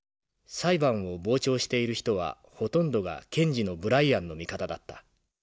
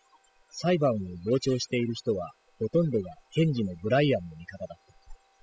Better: first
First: none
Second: noise reduction (classical method spectral subtraction)

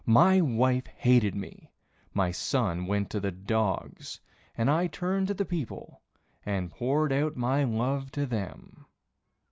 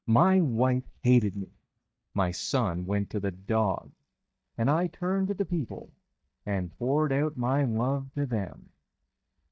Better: first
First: none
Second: noise reduction (neural mask model DeepFilterNet 3)

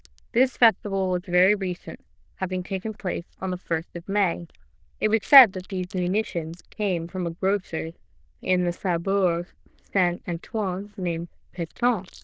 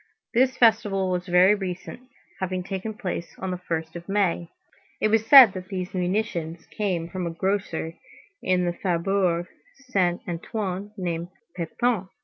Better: second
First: noise reduction (neural diffusion model UNIVERSE++)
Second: none

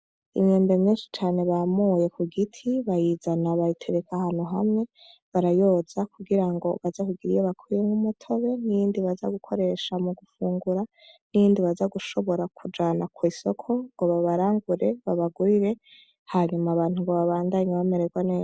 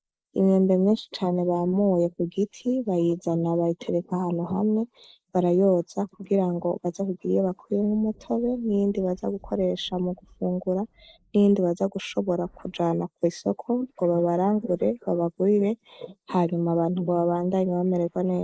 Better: first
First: none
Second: noise reduction (neural mask model Resemble Enhance denoiser)

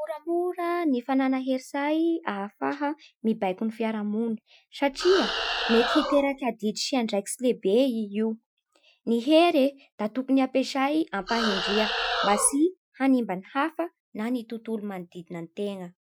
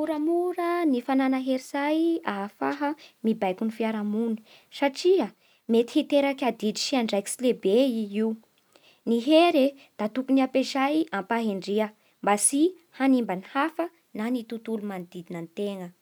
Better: second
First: noise reduction (classical method Wiener filter)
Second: none

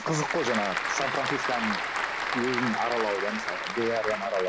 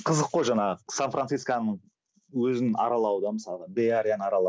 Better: second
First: background sound (Applause / Crowd); 1 dB below the speech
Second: none

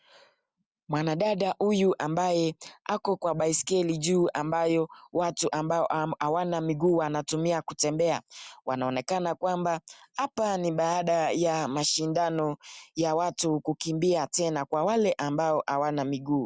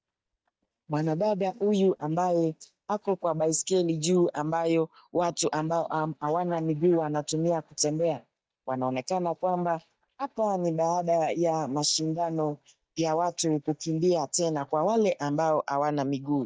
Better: first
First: none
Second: noise reduction (neural mask model DeepFilterNet 3)

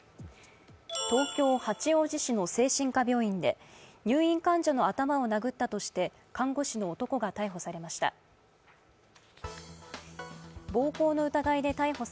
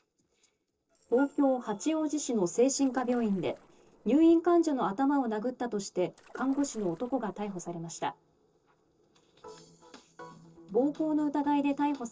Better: first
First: none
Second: noise reduction (neural separator model SepFormer DNS4)

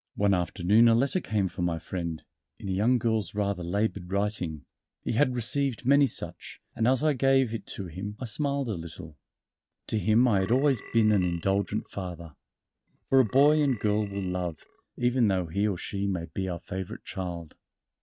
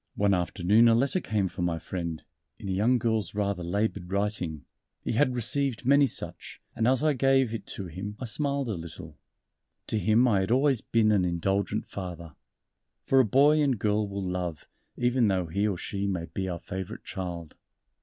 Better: second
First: noise reduction (neural mask model RNNoise)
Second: none

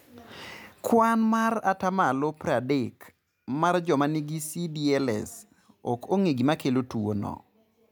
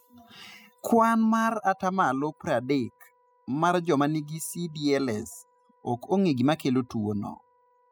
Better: first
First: none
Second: noise reduction (classical method spectral subtraction)

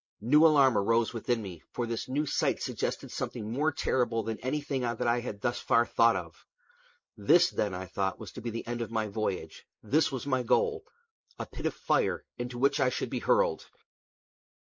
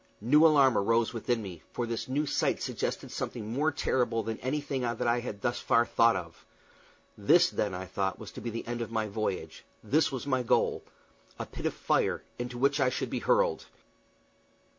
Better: second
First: noise reduction (neural mask model Resemble Enhance denoiser)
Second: none

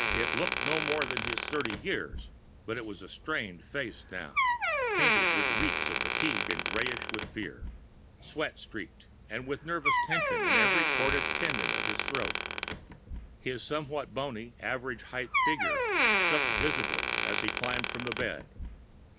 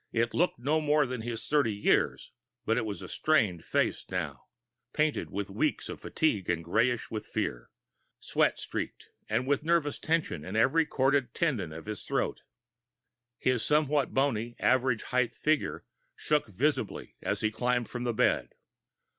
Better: second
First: background sound (Door); 5 dB above the speech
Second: none

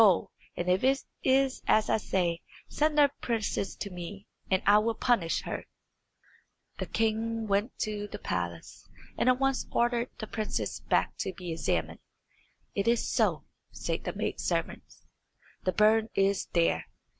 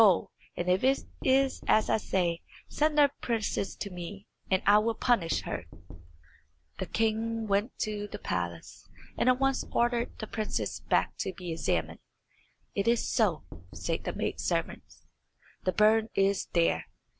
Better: first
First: none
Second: background sound (Knock); 18 dB below the speech

